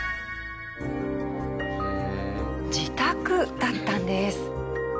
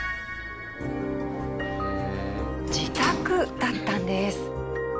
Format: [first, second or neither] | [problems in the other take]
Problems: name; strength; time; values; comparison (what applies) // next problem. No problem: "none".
first | background sound (Sliding door); 11 dB below the speech